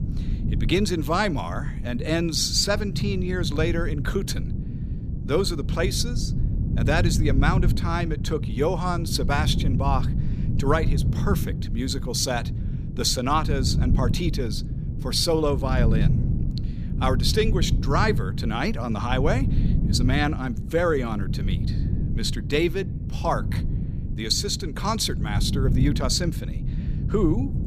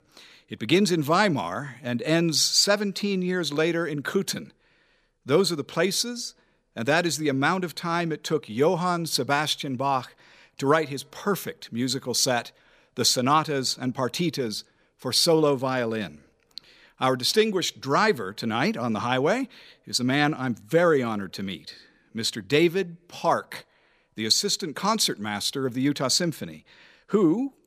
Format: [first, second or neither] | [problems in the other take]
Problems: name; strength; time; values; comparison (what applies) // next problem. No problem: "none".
second | low rumble; noticeable; throughout; 10 dB below the speech